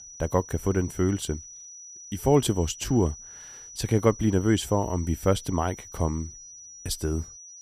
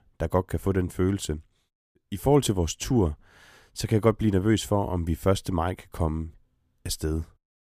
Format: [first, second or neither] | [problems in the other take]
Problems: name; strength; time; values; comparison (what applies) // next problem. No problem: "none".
second | high-pitched whine; noticeable; throughout; 6 kHz, 15 dB below the speech